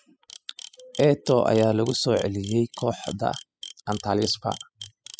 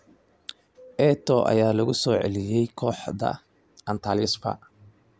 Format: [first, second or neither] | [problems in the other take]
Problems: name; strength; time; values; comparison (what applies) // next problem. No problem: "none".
second | noise reduction (classical method spectral subtraction)